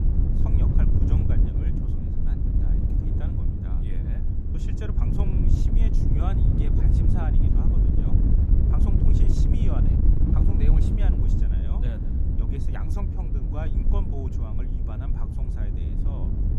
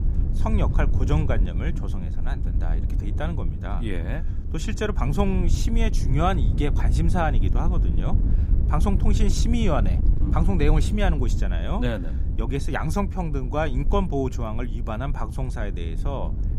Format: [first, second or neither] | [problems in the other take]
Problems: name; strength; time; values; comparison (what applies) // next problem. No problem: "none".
second | wind noise on the microphone; heavy; 5 dB above the speech; occasional gusts in the second